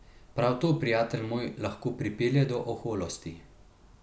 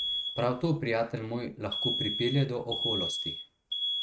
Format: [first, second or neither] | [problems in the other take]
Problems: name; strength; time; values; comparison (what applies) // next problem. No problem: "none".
first | noise reduction (neural mask model RNNoise)